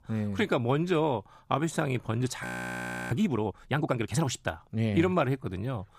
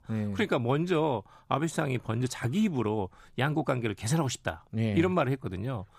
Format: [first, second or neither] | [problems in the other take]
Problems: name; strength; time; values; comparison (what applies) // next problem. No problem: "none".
second | audio freezing; at 2.5 s for 0.5 s